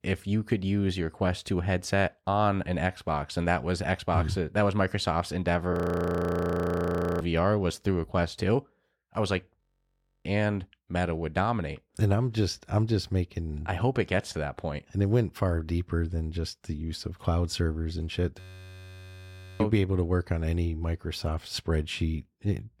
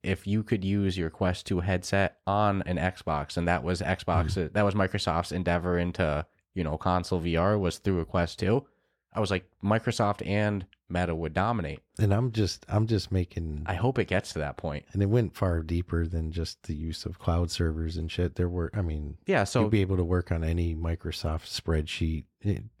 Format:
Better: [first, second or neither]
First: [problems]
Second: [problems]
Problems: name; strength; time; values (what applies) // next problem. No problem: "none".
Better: second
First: audio freezing; at 5.5 s for 1.5 s, at 9.5 s for 0.5 s and at 18 s for 1 s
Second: none